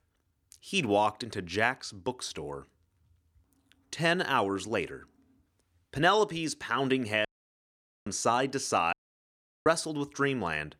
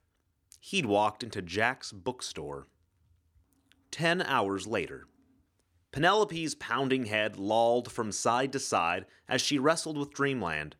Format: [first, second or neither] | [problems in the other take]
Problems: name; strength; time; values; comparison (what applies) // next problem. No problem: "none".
second | audio cutting out; at 7.5 s for 1 s and at 9 s for 0.5 s